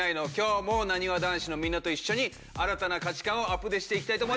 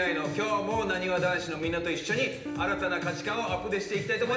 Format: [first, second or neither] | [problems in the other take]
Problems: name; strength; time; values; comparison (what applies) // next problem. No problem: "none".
first | background sound (Electric guitar / Strum); 11 dB below the speech // room echo; dies away in 0.8 s